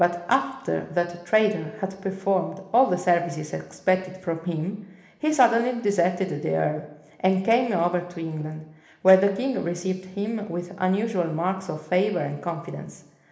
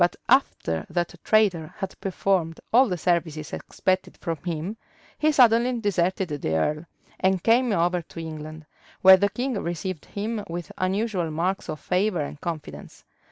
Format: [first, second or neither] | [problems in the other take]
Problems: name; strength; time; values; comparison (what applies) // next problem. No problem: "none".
second | room echo; dies away in 1 s